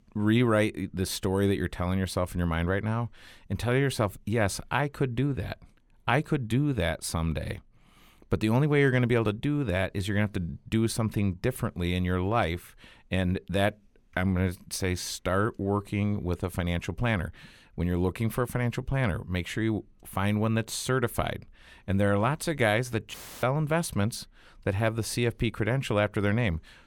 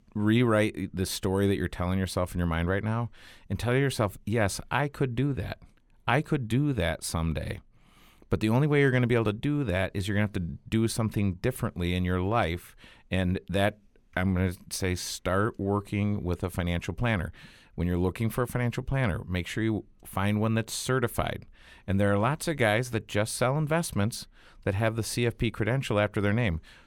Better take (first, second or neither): second